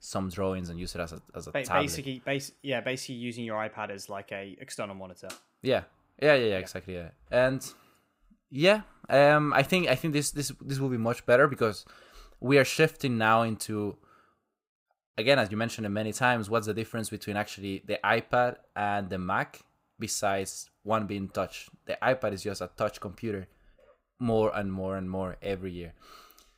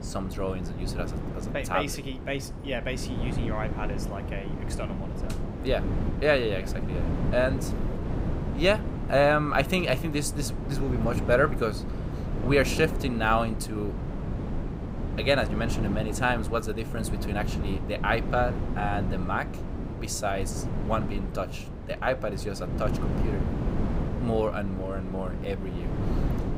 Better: first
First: none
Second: wind noise on the microphone; occasional gusts; 10 dB below the speech

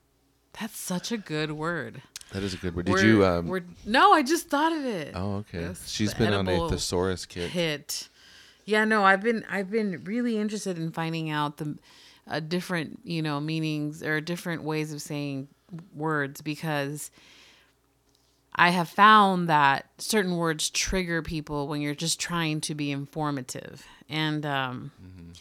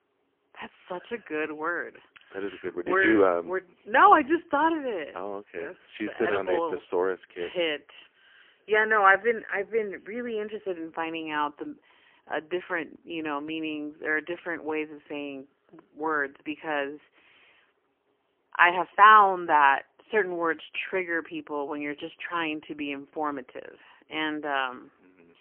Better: first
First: none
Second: phone-call audio; poor line; nothing above 3 kHz

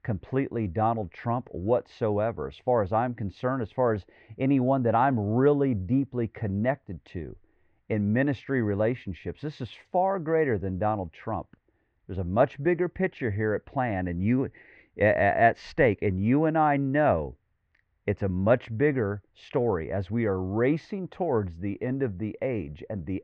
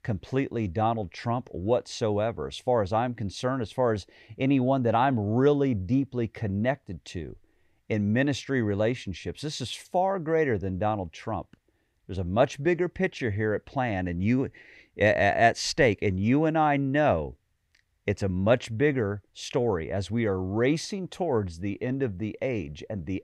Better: second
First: muffled; very; fading above 1.5 kHz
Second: none

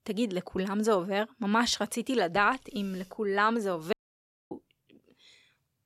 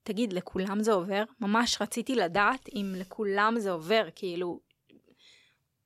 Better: second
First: audio cutting out; at 4 s for 0.5 s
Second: none

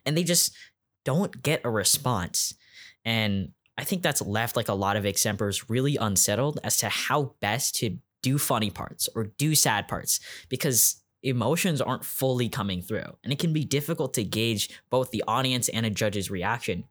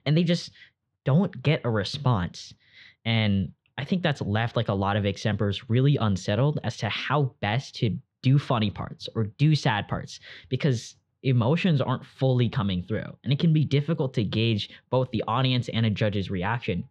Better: first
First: none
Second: muffled; slightly; fading above 3.5 kHz

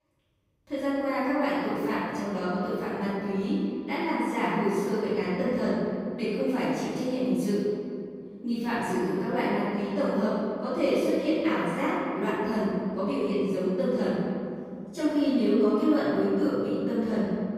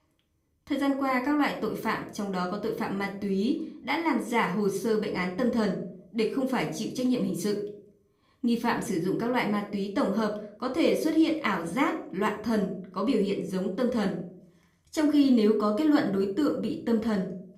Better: second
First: room echo; strong; dies away in 2.5 s // off-mic speech; far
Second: room echo; slight; dies away in 0.4 s // off-mic speech; somewhat distant

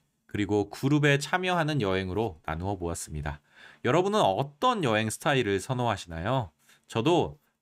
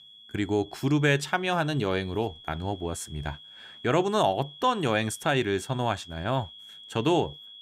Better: first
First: none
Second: high-pitched whine; noticeable; throughout; 3.5 kHz, 20 dB below the speech

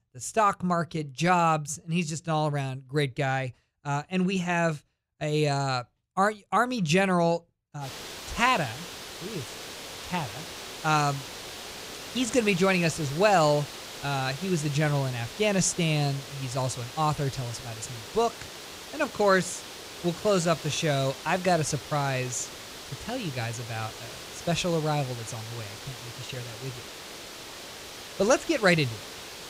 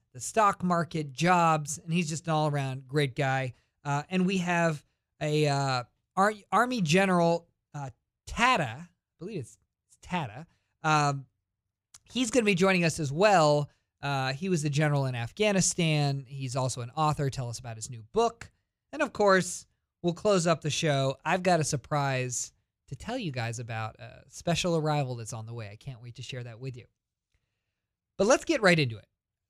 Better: second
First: hiss; noticeable; from 8 s on; 10 dB below the speech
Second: none

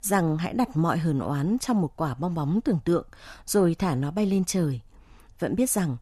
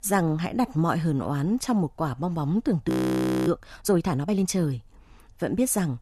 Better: first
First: none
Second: audio freezing; at 3 s for 0.5 s

